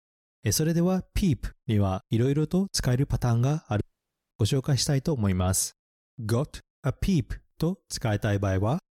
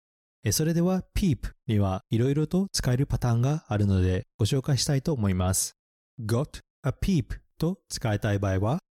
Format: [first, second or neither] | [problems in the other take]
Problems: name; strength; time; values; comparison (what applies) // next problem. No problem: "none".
second | audio cutting out; at 4 s